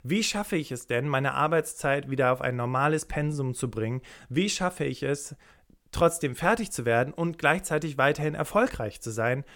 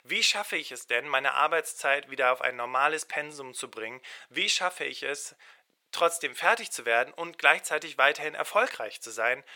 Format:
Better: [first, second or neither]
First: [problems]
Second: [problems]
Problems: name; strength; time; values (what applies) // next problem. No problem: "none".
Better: first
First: none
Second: thin; very; fading below 700 Hz